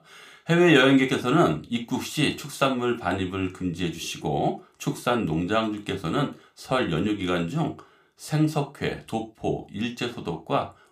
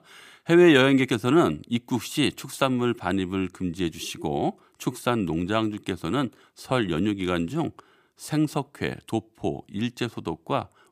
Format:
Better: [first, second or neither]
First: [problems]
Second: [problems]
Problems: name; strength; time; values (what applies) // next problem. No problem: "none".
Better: second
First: room echo; very slight; dies away in 0.3 s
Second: none